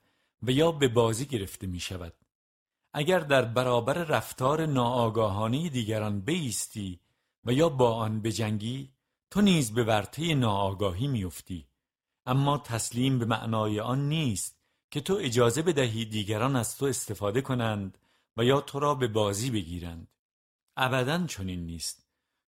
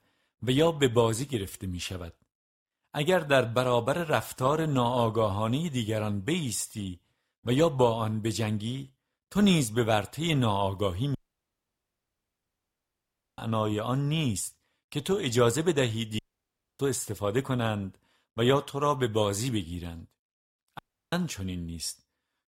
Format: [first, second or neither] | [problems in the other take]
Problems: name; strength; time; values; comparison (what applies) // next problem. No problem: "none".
first | audio cutting out; at 11 s for 2 s, at 16 s for 0.5 s and at 21 s